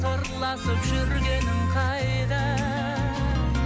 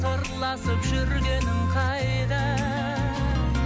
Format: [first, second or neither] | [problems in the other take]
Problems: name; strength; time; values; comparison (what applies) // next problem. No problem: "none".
second | background sound (Harmonica); 19 dB below the speech